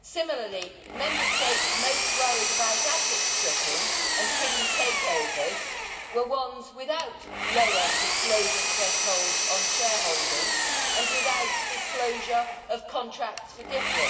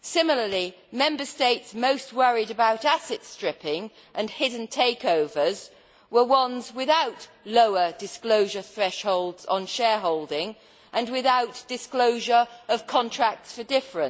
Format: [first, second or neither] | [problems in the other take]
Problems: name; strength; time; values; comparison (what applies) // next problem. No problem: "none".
second | background sound (Engine); 4 dB above the speech // room echo; dies away in 2.3 s